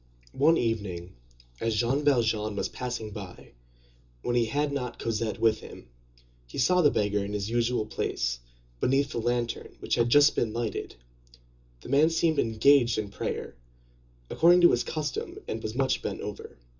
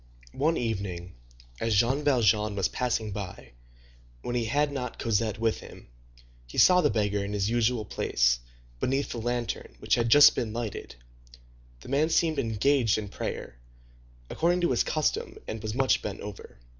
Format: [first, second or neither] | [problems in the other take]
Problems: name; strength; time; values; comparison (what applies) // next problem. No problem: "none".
second | room echo; dies away in 0.2 s